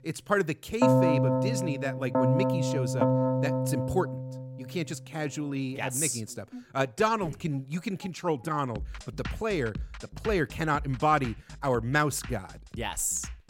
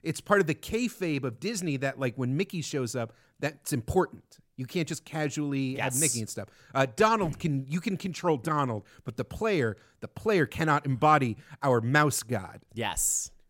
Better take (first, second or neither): second